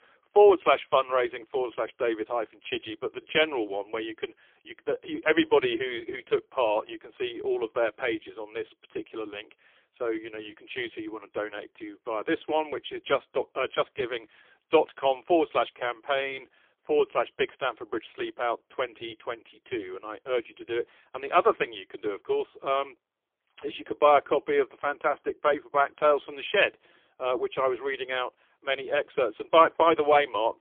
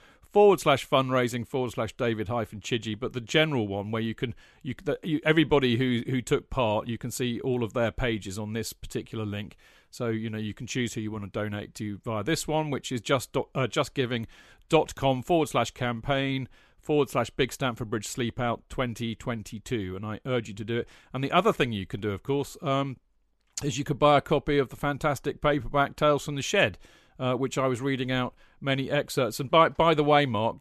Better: second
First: phone-call audio; poor line; nothing above 3.5 kHz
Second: none

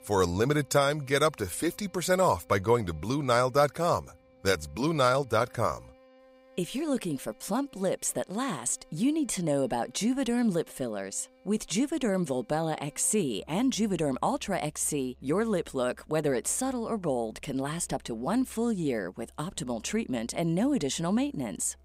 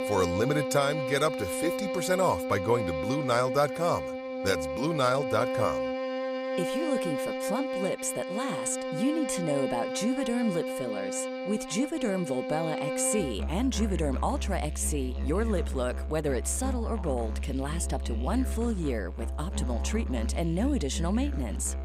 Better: first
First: background music; faint; throughout; 30 dB below the speech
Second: background music; loud; throughout; 3 dB below the speech

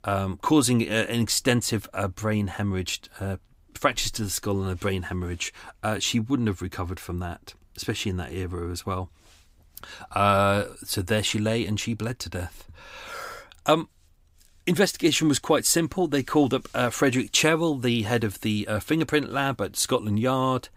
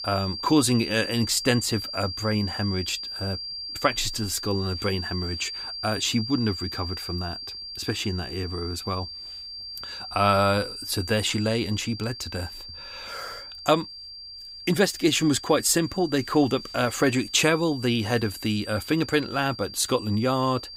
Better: first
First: none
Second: high-pitched whine; loud; throughout; 4.5 kHz, 9 dB below the speech

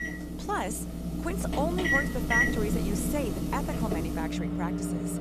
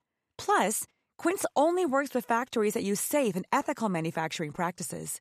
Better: second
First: household noises; very loud; throughout; 5 dB above the speech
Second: none

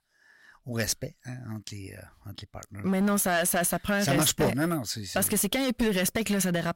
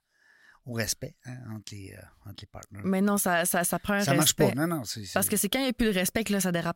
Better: second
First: distortion; slight; 6% of the sound clipped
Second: none

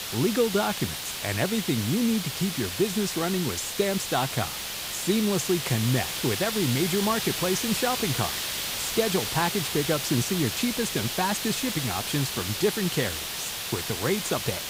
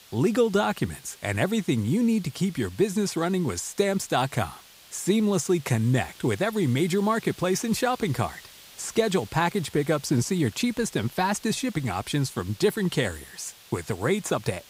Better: second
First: hiss; loud; throughout; 2 dB below the speech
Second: hiss; faint; throughout; 20 dB below the speech

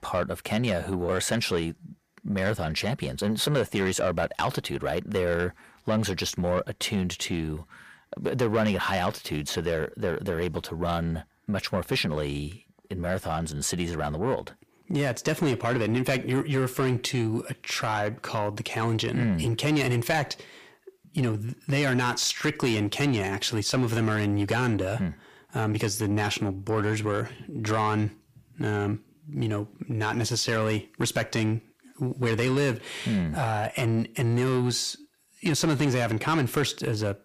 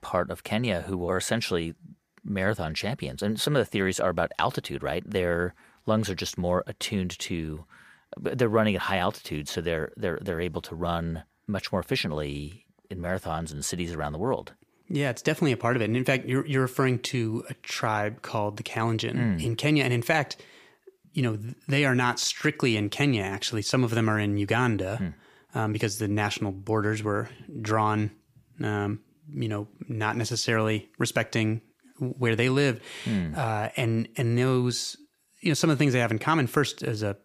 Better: second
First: distortion; slight; 10 dB below the speech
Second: none

